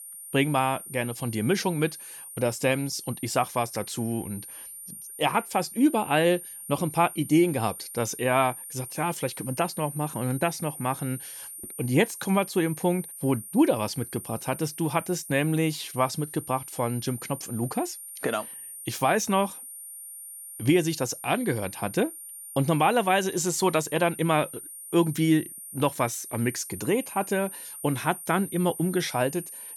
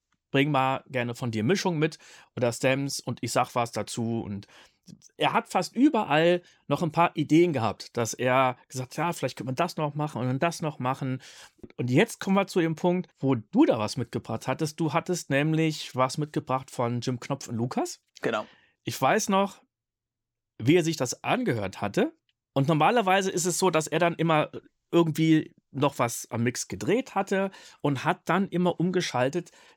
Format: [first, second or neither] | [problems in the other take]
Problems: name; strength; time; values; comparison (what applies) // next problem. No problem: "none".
second | high-pitched whine; noticeable; throughout; 9.5 kHz, 10 dB below the speech